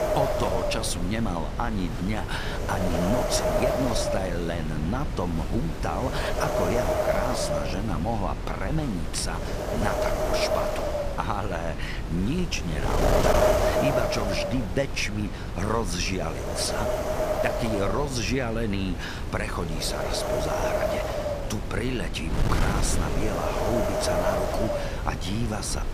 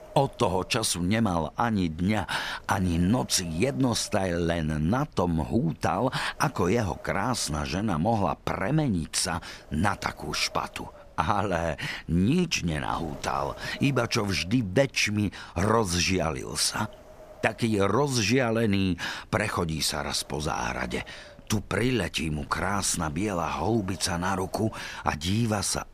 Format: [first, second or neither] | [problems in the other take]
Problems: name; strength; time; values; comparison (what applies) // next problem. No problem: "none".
second | wind noise on the microphone; heavy; 3 dB above the speech; occasional gusts in the second